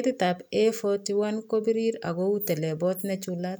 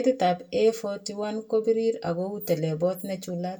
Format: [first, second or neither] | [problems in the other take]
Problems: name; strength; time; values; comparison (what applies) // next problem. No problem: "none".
first | room echo; dies away in 0.1 s